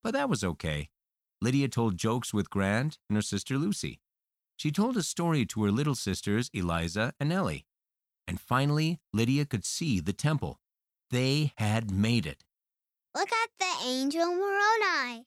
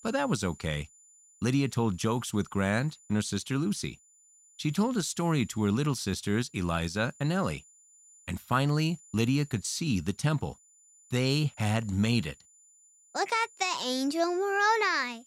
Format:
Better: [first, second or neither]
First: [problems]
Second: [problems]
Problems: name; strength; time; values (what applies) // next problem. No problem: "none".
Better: first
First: none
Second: high-pitched whine; faint; throughout; 7 kHz, 25 dB below the speech